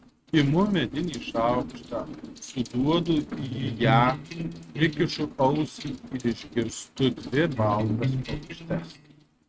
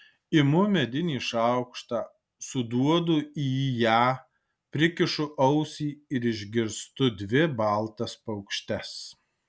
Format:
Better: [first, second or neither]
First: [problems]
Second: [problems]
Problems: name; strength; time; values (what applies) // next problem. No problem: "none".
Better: second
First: noise reduction (neural mask model RNNoise)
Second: none